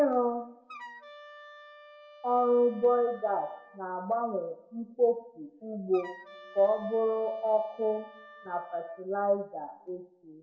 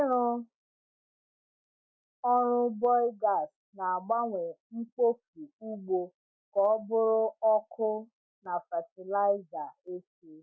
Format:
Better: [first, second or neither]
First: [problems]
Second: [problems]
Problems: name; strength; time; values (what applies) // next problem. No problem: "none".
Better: second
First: background sound (Wind instrument, woodwind instrument); 20 dB below the speech // room echo; dies away in 0.6 s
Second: none